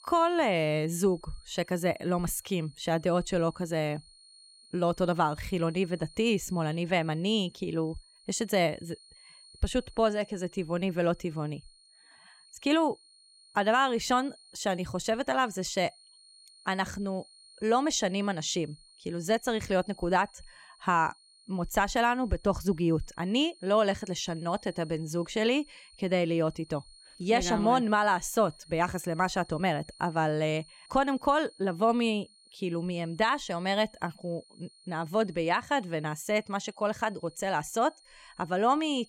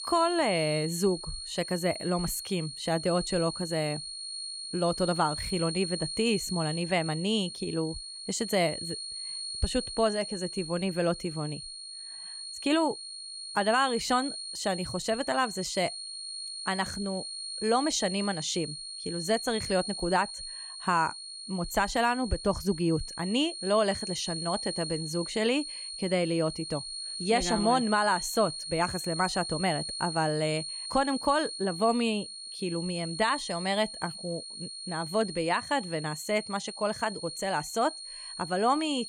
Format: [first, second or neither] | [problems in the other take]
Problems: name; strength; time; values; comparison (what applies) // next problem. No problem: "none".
first | high-pitched whine; loud; throughout; 4.5 kHz, 7 dB below the speech; faint in the first